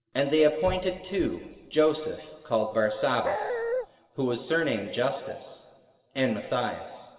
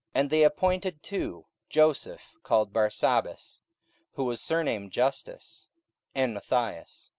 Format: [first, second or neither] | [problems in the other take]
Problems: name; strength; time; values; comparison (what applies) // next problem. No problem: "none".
second | background sound (Dog); 1 dB below the speech // room echo; dies away in 1.8 s